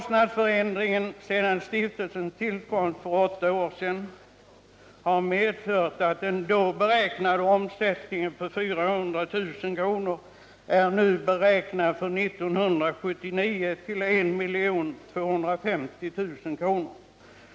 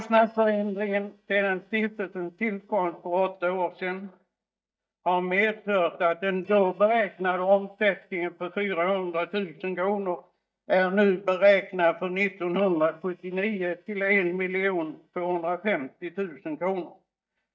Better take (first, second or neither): first